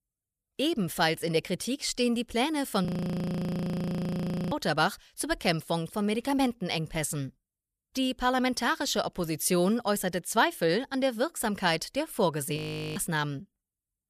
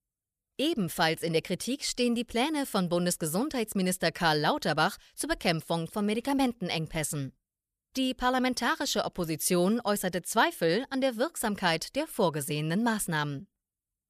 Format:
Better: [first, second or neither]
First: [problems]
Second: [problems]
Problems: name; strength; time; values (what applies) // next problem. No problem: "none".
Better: second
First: audio freezing; at 3 s for 1.5 s and at 13 s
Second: none